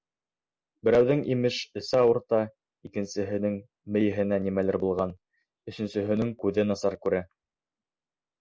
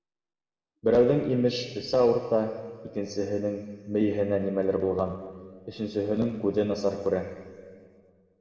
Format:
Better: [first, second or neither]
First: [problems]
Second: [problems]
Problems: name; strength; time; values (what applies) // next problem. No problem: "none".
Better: first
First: none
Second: room echo; dies away in 2.2 s